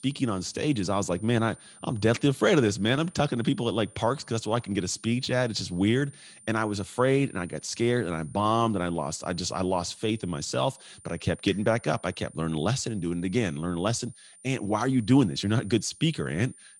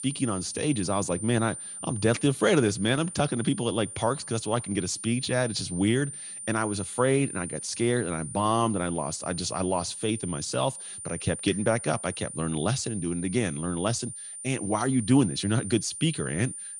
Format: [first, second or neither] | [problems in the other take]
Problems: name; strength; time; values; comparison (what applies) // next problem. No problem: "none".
first | high-pitched whine; loud; throughout; 9 kHz, 9 dB below the speech; faint in the first